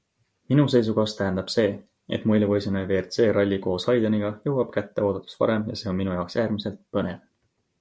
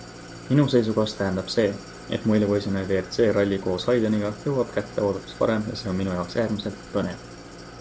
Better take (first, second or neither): first